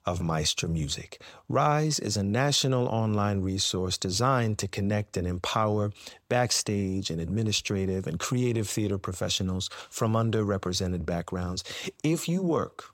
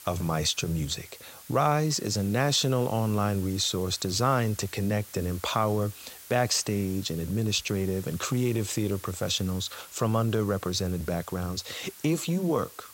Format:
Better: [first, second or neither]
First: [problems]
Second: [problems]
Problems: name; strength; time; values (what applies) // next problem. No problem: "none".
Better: first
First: none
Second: hiss; noticeable; throughout; 15 dB below the speech